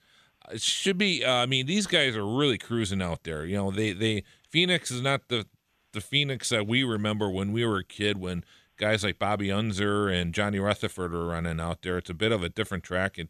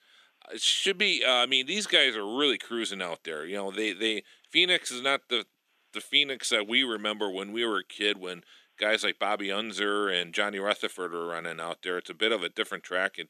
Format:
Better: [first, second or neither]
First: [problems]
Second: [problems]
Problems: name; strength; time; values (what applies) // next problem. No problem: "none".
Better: first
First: none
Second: thin; somewhat; fading below 250 Hz